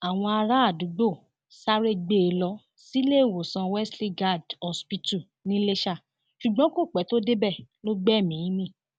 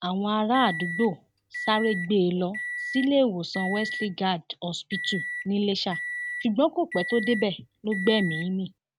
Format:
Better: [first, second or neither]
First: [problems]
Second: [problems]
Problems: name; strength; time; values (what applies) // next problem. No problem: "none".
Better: first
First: none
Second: background sound (Microwave oven); 8 dB below the speech